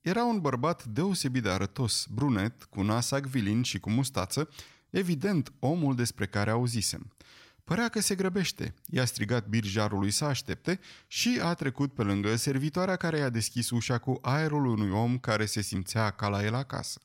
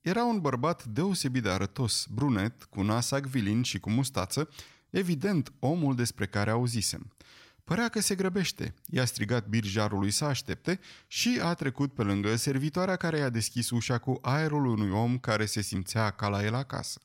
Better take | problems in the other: neither | none

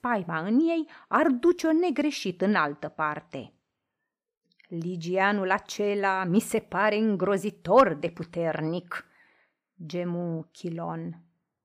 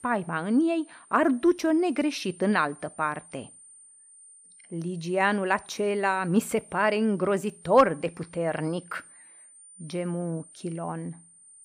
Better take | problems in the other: first | high-pitched whine; faint; throughout; 9 kHz, 25 dB below the speech

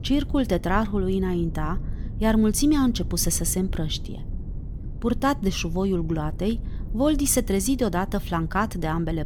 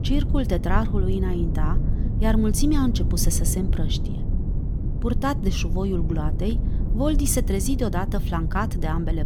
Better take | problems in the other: first | low rumble; loud; throughout; 10 dB below the speech; faint in the first

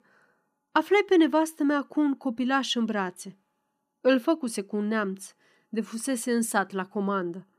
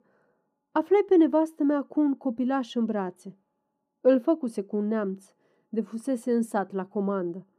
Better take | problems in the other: first | muffled; slightly; fading above 1 kHz

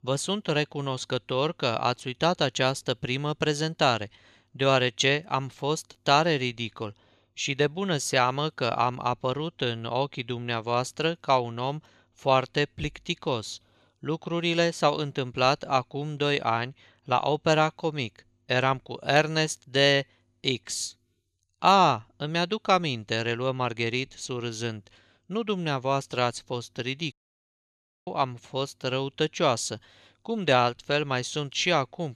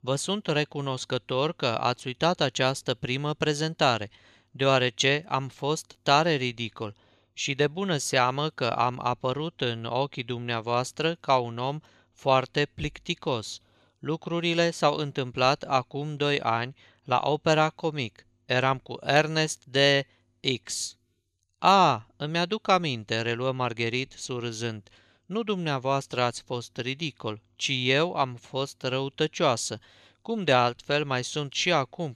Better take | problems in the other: second | audio cutting out; at 27 s for 1 s

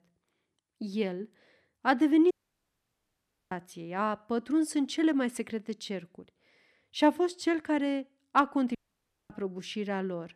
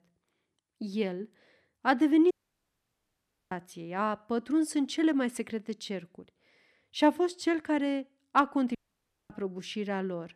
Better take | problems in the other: neither | audio cutting out; at 2.5 s for 1 s and at 9 s for 0.5 s; the same in both

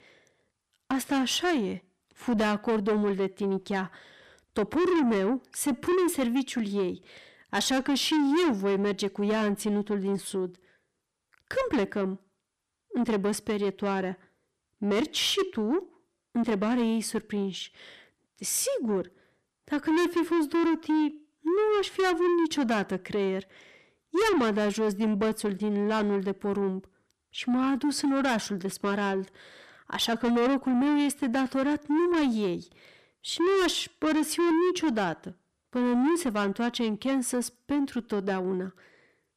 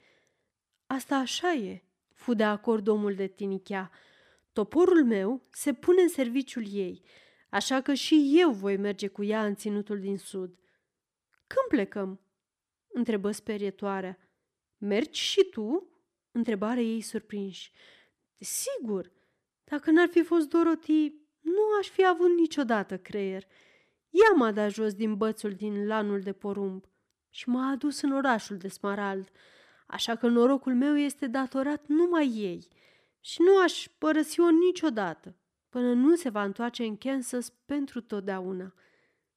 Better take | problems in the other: second | distortion; heavy; 6 dB below the speech

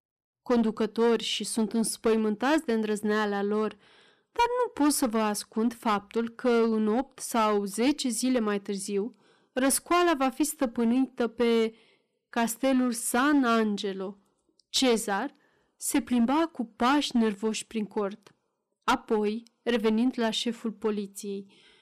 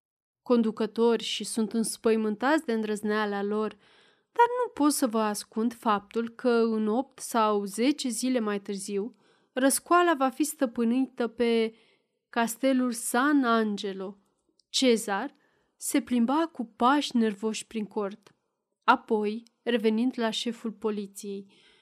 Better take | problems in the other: second | distortion; slight; 6% of the sound clipped

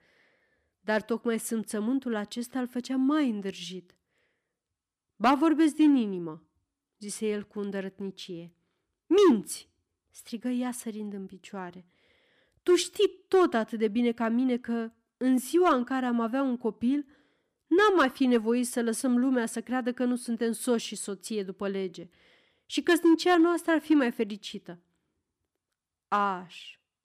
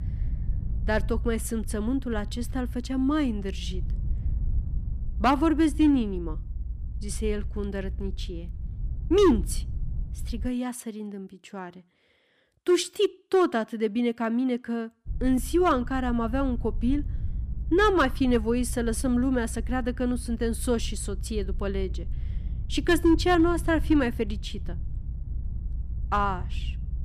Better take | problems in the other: first | low rumble; faint; until 10 s and from 15 s on; 25 dB below the speech

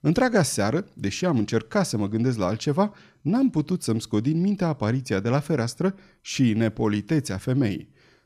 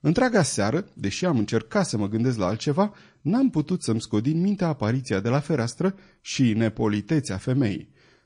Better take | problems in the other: first | garbled, watery; slightly; nothing above 10 kHz

